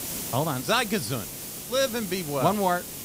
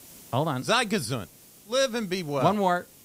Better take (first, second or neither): second